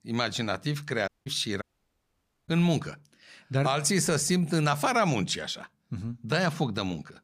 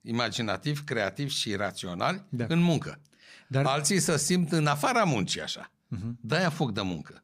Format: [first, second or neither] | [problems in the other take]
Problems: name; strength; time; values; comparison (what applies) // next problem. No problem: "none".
second | audio cutting out; at 1 s and at 1.5 s for 1 s